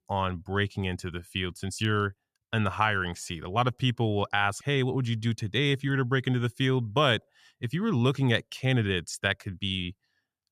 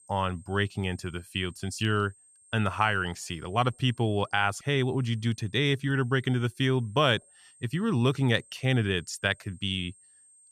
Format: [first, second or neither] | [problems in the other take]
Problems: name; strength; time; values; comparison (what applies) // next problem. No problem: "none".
first | high-pitched whine; faint; throughout; 8.5 kHz, 30 dB below the speech